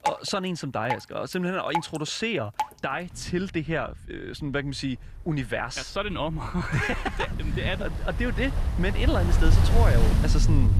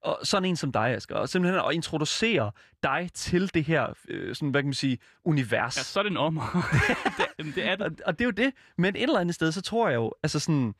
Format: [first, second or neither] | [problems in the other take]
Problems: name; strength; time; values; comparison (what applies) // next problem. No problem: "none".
second | rain or running water; very loud; throughout; 3 dB above the speech